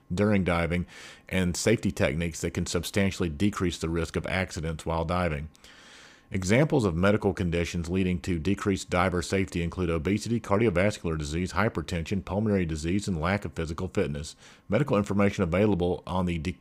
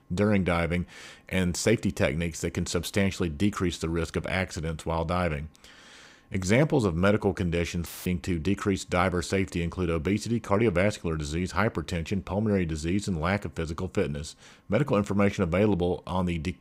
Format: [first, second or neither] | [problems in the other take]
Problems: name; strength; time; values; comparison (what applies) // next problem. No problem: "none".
first | audio cutting out; filled with static; at 8 s